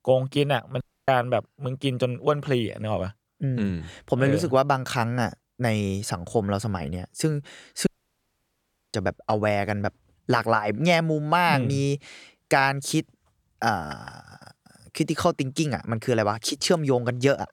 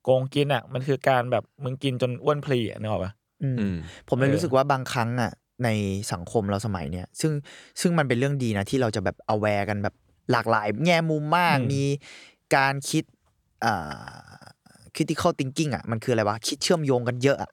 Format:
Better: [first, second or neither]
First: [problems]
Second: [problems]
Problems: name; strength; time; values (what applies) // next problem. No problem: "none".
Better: second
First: audio cutting out; at 1 s and at 8 s for 1 s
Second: none